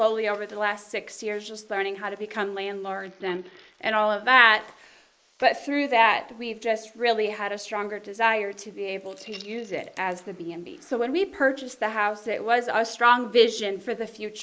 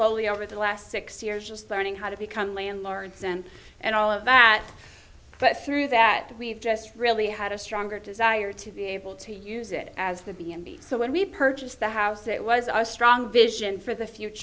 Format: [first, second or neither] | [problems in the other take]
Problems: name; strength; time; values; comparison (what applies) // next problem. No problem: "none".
second | noise reduction (neural mask model Resemble Enhance denoiser)